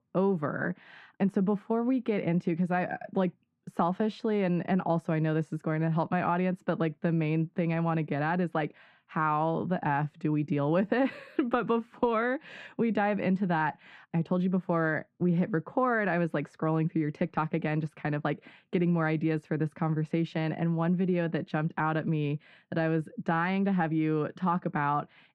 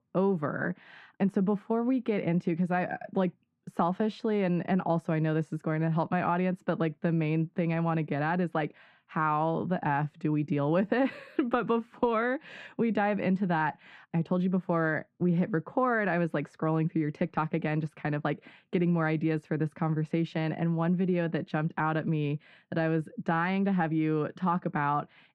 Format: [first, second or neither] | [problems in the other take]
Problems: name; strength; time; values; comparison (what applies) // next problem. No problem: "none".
neither | muffled; very; fading above 3 kHz; the same in both